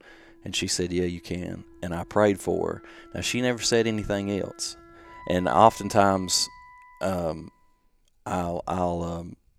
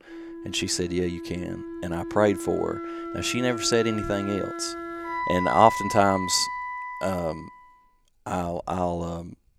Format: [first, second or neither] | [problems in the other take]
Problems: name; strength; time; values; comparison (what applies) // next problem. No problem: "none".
first | background music; loud; until 7.5 s; 7 dB below the speech; faint in the first